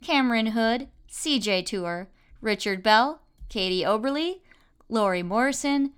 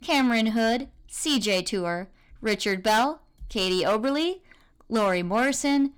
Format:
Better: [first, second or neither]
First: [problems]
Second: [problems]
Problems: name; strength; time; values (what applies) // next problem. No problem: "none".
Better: first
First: none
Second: distortion; slight; 6% of the sound clipped